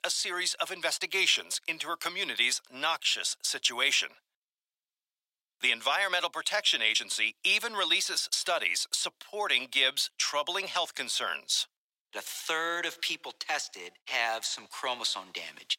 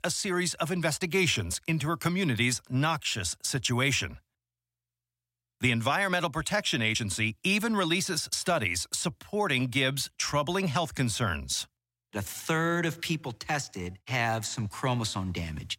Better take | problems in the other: second | thin; very; fading below 450 Hz

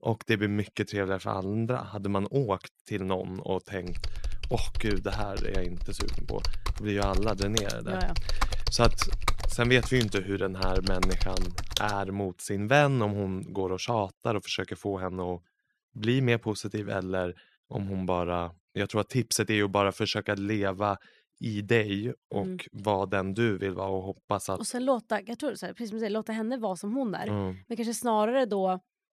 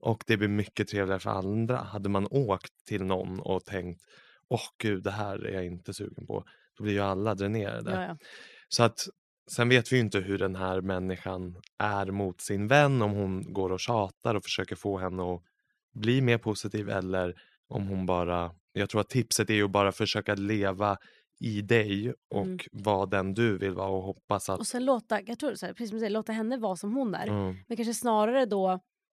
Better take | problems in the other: second | keyboard typing; noticeable; from 4 to 12 s; peak 1 dB below the speech

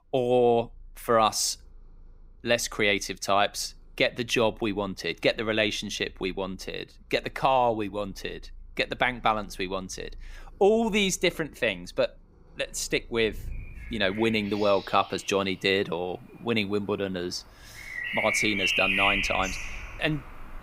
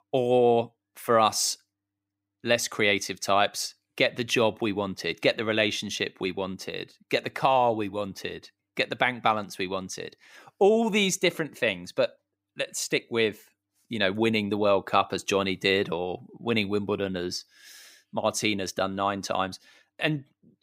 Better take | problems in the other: second | animal sounds; loud; throughout; 2 dB below the speech

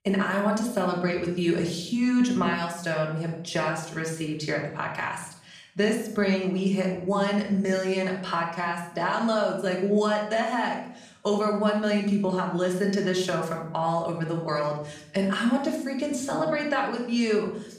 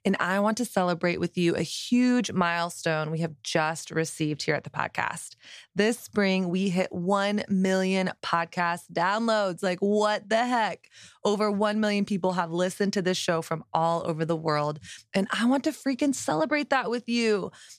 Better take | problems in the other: second | off-mic speech; far // room echo; noticeable; dies away in 0.6 s

